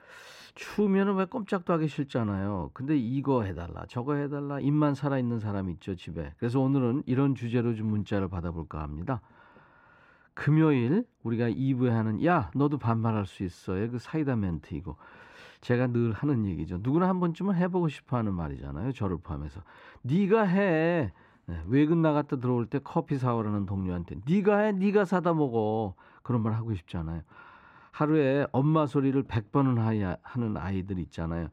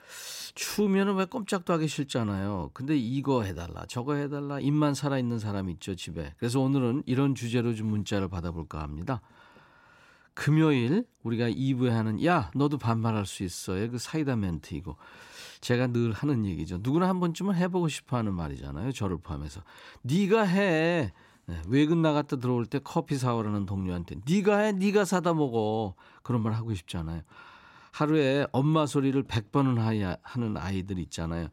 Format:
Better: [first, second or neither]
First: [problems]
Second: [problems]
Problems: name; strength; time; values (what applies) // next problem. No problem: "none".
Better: second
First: muffled; slightly; fading above 3.5 kHz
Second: none